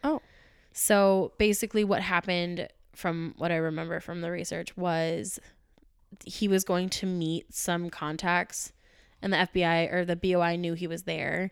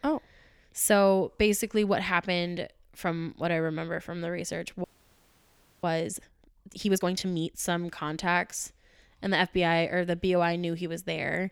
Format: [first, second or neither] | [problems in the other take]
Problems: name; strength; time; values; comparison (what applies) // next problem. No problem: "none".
first | audio freezing; at 5 s for 1 s